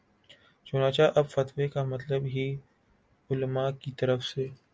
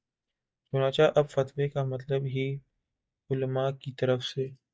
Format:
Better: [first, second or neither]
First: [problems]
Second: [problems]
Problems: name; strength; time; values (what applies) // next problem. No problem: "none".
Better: first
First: none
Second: noise reduction (neural mask model DeepFilterNet 3)